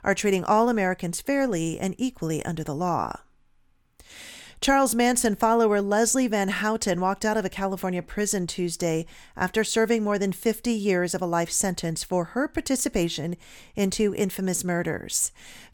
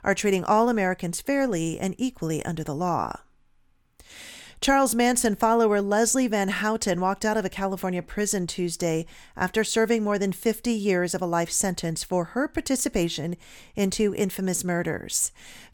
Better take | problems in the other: neither | none

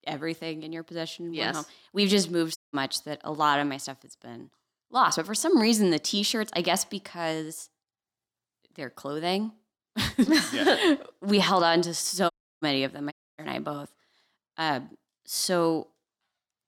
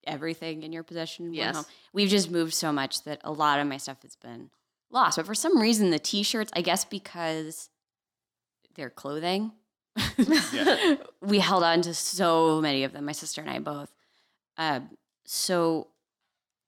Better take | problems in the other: second | audio cutting out; at 2.5 s, at 12 s and at 13 s

